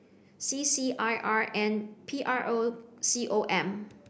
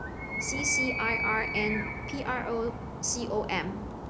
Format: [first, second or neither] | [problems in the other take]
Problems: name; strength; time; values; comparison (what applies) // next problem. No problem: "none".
first | background sound (Animal); 1 dB below the speech